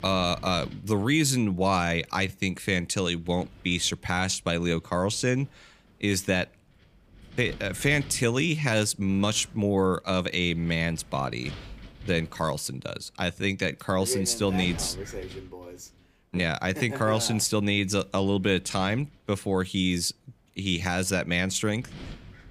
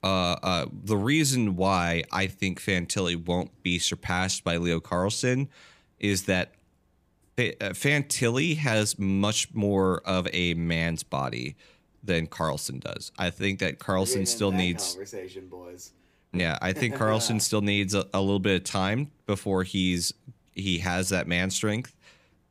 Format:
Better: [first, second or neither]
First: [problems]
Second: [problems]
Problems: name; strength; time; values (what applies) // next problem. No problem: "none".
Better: second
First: wind noise on the microphone; occasional gusts; 20 dB below the speech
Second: none